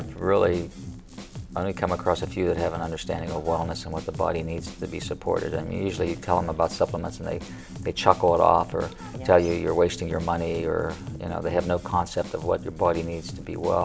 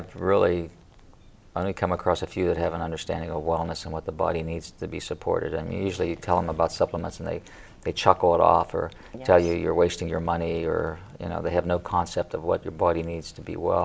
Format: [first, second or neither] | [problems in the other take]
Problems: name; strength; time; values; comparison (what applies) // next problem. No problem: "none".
second | background sound (Drum kit); 13 dB below the speech